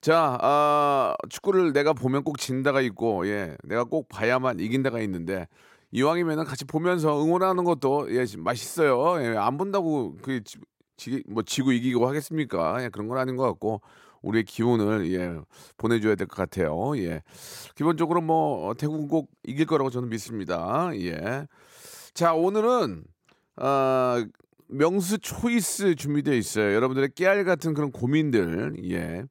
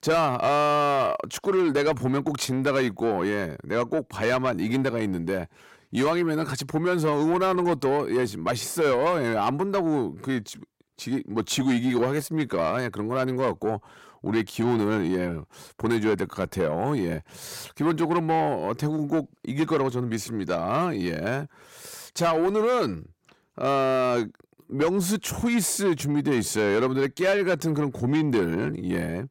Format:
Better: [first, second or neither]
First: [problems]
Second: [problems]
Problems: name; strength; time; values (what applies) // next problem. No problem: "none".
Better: first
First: none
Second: distortion; slight; 10 dB below the speech